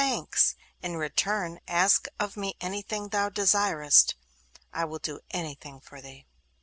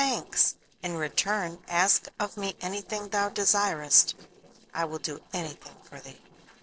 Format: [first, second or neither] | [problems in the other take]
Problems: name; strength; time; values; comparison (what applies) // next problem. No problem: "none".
first | noise reduction (neural separator model SepFormer DNS4)